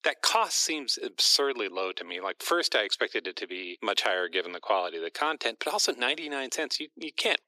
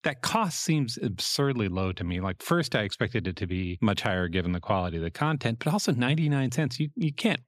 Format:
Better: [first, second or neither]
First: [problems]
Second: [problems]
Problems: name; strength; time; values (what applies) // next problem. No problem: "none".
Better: second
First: thin; very; fading below 350 Hz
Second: none